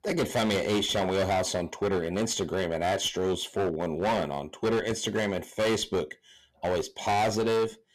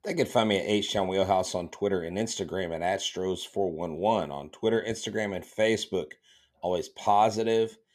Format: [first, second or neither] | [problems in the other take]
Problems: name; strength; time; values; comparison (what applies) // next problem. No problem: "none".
second | distortion; heavy; 18% of the sound clipped